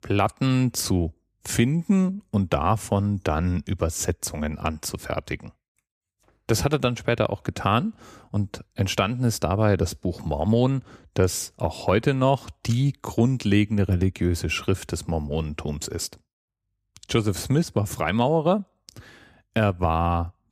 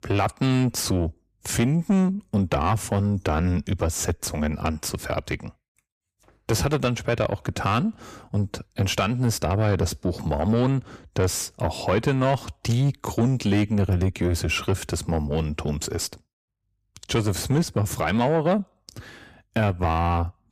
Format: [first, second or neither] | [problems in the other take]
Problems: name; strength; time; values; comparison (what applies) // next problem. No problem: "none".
first | distortion; slight; 10 dB below the speech